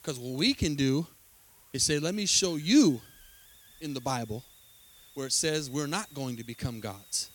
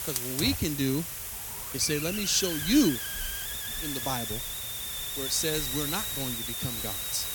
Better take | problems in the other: first | hiss; loud; throughout; 2 dB below the speech; faint in the first

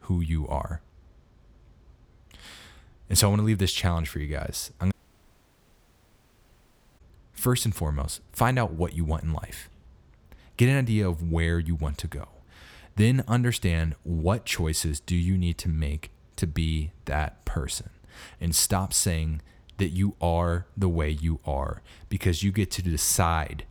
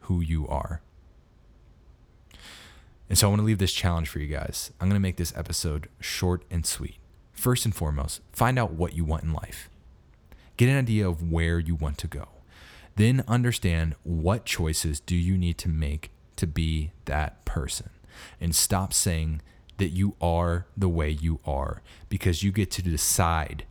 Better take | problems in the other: second | audio cutting out; at 5 s for 2 s

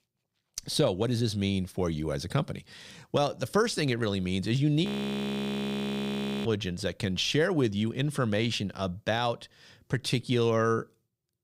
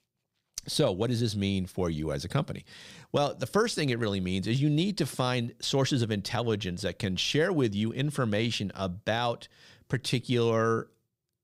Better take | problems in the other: second | audio freezing; at 5 s for 1.5 s

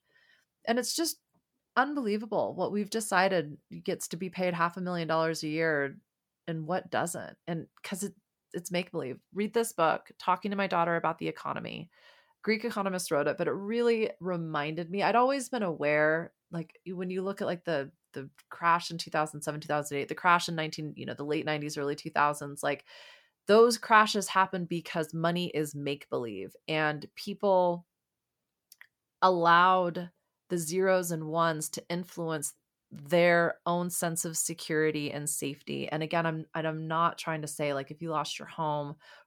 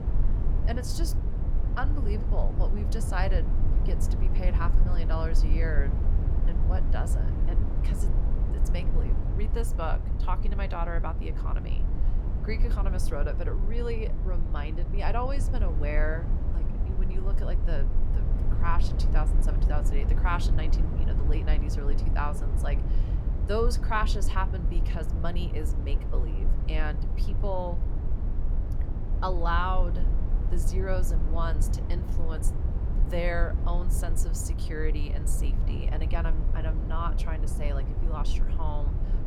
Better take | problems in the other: first | low rumble; loud; throughout; 8 dB below the speech

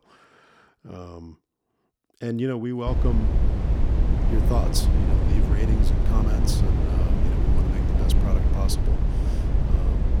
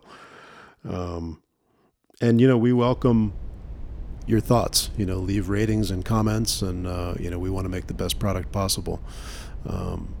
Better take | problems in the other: second | low rumble; loud; from 3 s on; 1 dB below the speech; faint in the second

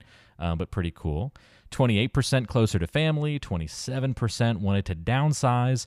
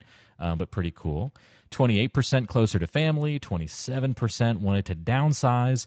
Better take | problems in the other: first | garbled, watery; slightly; nothing above 7.5 kHz

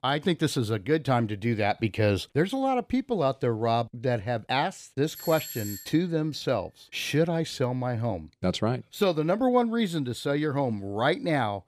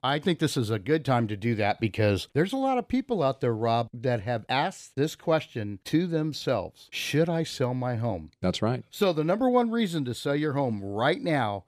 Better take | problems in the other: second | doorbell; noticeable; at 5 s; peak 9 dB below the speech

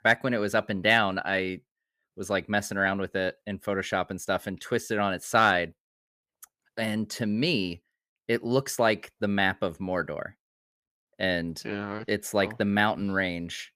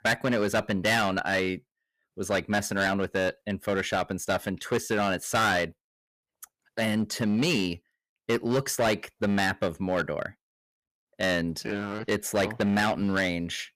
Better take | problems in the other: first | distortion; heavy; 8% of the sound clipped

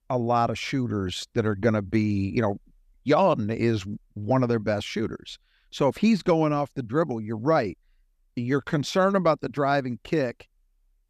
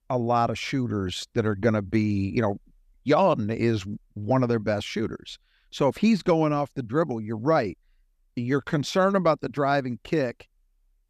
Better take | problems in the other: neither | none

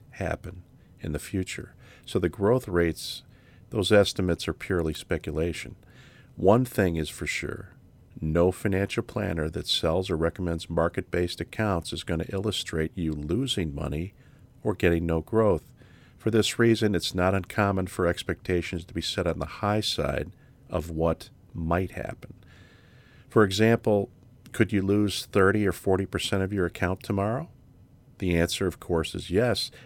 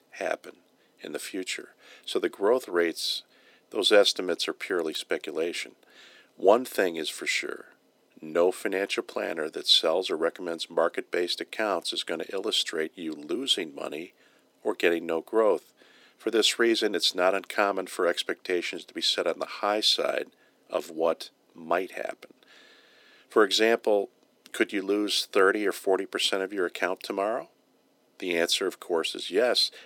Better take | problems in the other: first | thin; somewhat; fading below 300 Hz

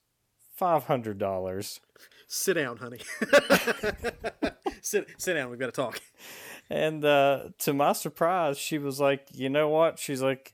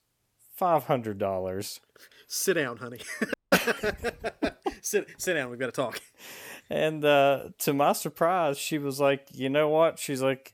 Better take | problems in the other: first | audio cutting out; at 3.5 s

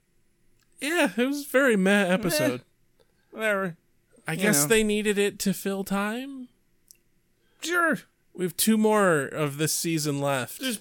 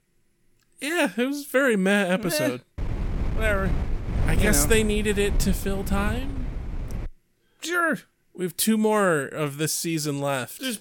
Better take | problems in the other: first | wind noise on the microphone; occasional gusts; from 3 to 7 s; 15 dB below the speech

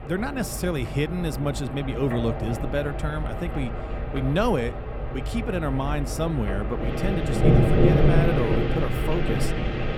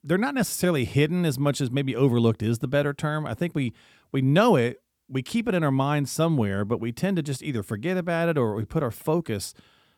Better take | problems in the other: second | rain or running water; very loud; throughout; 2 dB above the speech

